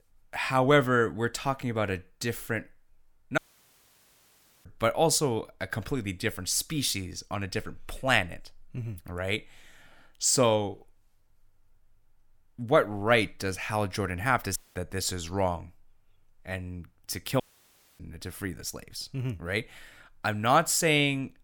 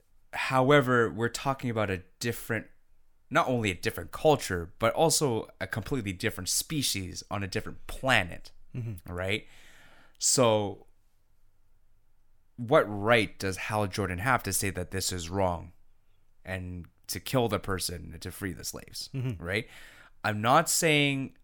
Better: second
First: audio cutting out; at 3.5 s for 1.5 s, at 15 s and at 17 s for 0.5 s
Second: none

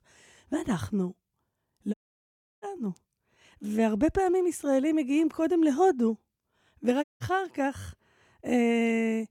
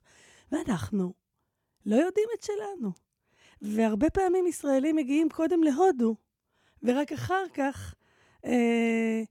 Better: second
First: audio cutting out; at 2 s for 0.5 s and at 7 s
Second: none

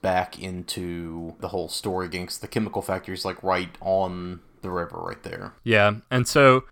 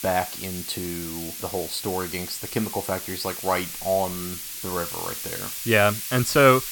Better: first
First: none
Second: hiss; loud; throughout; 6 dB below the speech

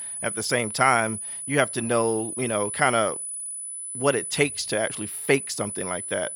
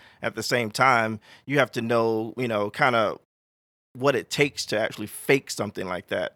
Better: second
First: high-pitched whine; loud; throughout; 10 kHz, 6 dB below the speech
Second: none

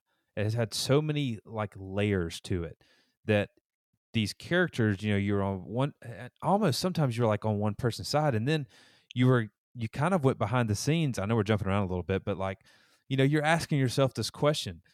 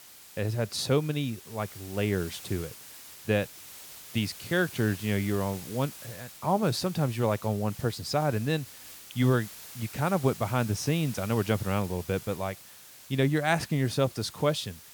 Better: first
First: none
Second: hiss; noticeable; throughout; 15 dB below the speech

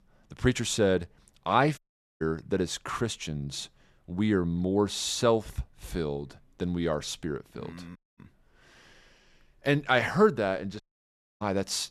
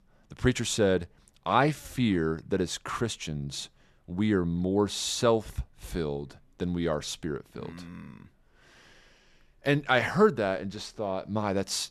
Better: second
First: audio cutting out; at 2 s, at 8 s and at 11 s for 0.5 s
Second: none

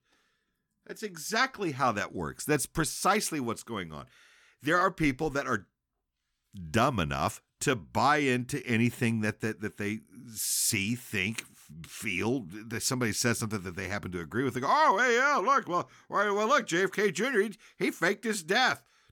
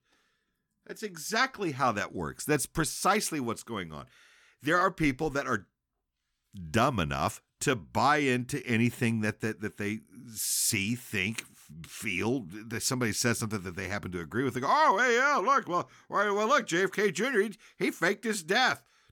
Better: neither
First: none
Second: none

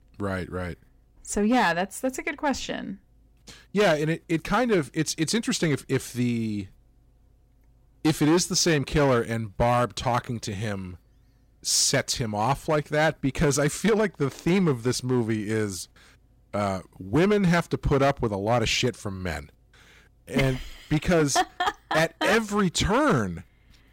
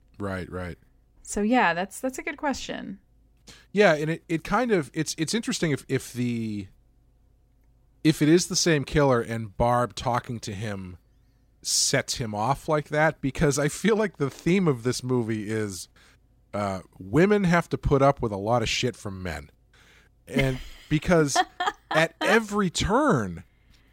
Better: second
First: distortion; slight; 6% of the sound clipped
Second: none

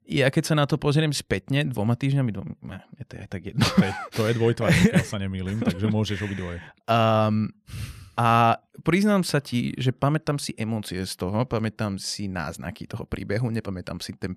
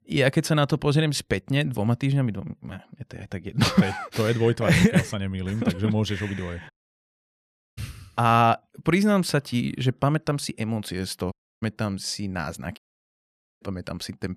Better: first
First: none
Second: audio cutting out; at 6.5 s for 1 s, at 11 s and at 13 s for 1 s

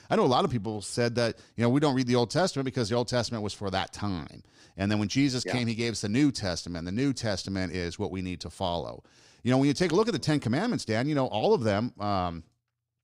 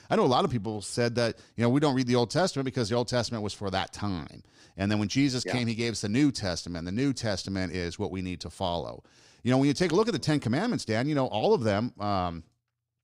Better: neither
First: none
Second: none

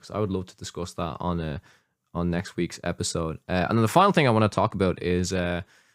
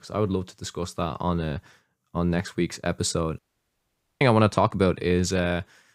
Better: first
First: none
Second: audio cutting out; at 3.5 s for 1 s

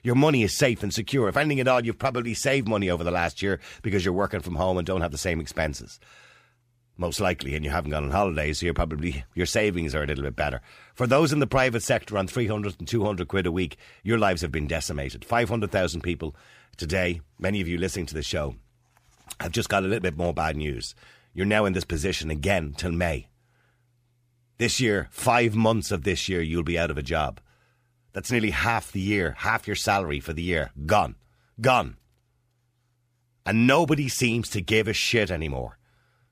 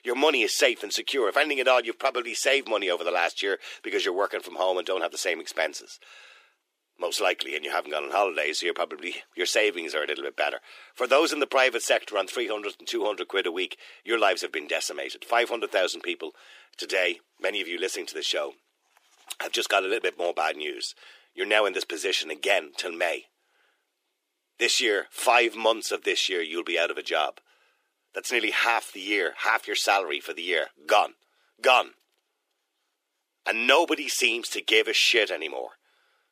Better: first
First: none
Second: thin; very; fading below 350 Hz

